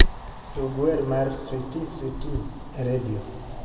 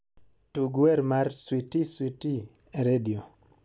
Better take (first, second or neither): second